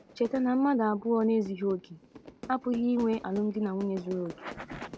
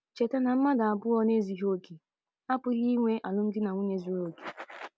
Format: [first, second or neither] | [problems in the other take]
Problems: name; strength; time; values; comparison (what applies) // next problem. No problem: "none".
second | background sound (Fire / Fireworks); 18 dB below the speech